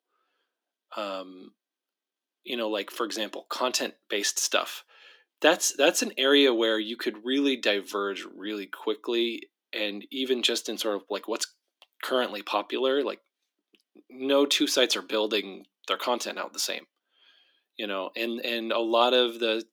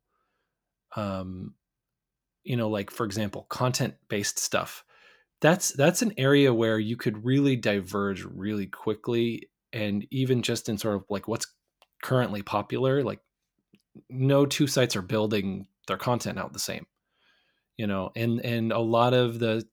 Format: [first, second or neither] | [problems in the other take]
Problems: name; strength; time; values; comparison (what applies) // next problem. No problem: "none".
second | thin; very slightly; fading below 250 Hz